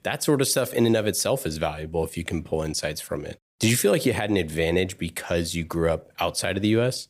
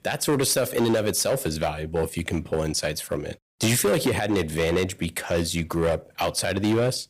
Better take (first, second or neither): first